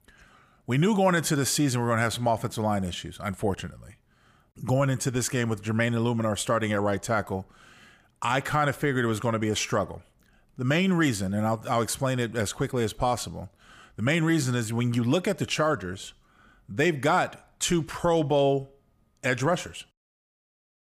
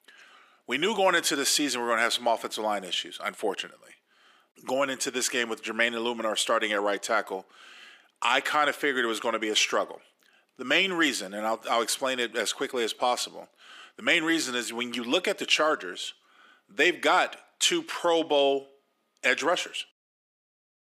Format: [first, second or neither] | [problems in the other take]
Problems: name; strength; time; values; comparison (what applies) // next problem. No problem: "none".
first | thin; somewhat; fading below 300 Hz